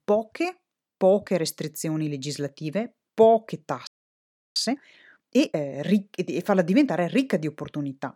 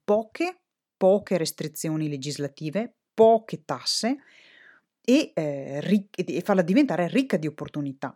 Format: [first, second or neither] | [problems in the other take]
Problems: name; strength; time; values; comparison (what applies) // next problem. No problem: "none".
second | audio freezing; at 4 s for 0.5 s